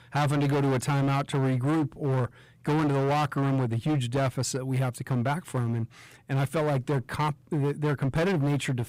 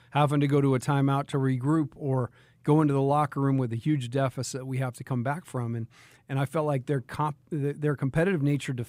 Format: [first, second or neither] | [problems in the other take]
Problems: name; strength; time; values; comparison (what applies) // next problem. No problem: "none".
second | distortion; heavy; 23% of the sound clipped